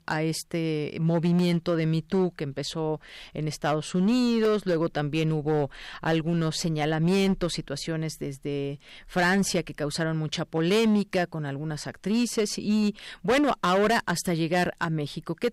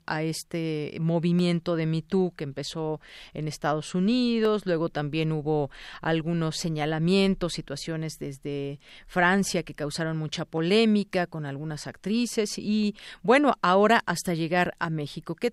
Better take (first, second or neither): second